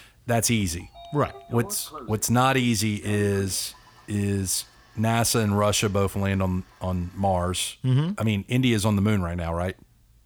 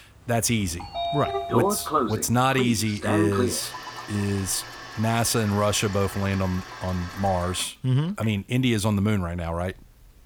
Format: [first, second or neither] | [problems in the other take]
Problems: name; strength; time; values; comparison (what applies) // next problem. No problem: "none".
first | household noises; loud; throughout; 5 dB below the speech; faint in the first